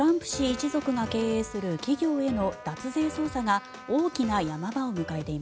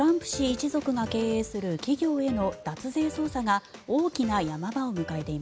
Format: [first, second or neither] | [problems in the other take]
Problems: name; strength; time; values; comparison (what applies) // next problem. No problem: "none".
second | background sound (Trumpet); 19 dB below the speech